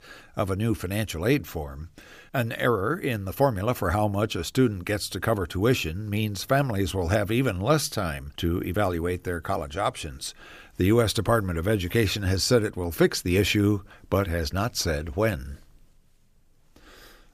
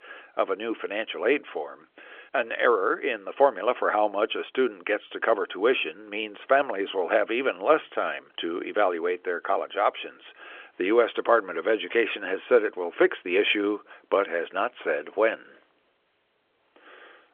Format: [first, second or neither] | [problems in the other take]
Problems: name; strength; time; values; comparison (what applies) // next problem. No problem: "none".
first | phone-call audio; nothing above 3.5 kHz